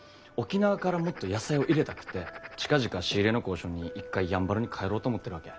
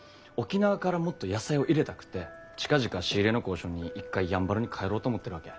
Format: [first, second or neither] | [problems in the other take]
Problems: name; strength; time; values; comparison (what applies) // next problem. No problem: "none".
second | background sound (Writing); 17 dB below the speech